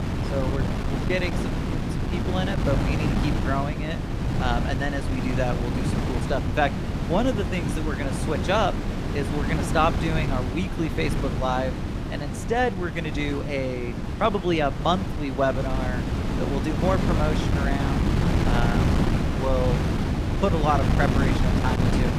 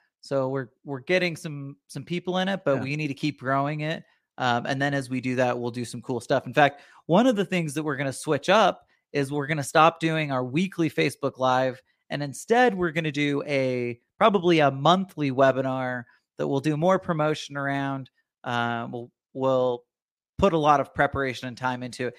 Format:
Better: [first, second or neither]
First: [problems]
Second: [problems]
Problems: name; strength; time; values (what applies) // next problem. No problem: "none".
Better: second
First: wind noise on the microphone; heavy; 4 dB below the speech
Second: none